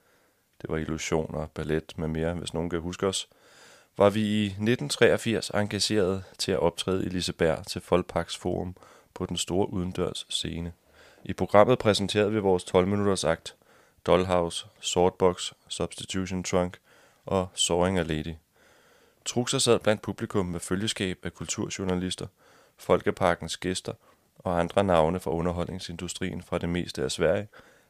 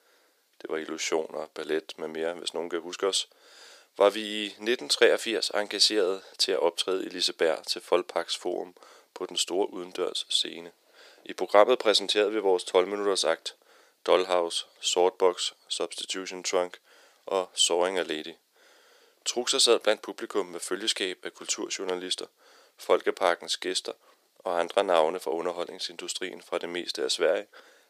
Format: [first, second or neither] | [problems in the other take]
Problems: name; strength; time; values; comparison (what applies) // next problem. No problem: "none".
first | thin; somewhat; fading below 350 Hz